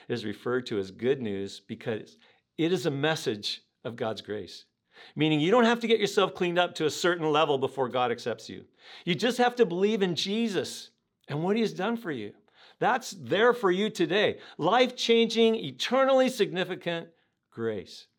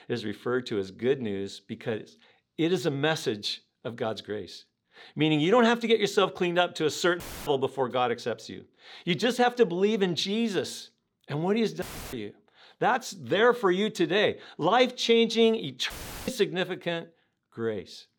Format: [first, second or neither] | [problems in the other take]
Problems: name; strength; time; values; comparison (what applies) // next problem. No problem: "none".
first | audio cutting out; filled with static; at 7 s, at 12 s and at 16 s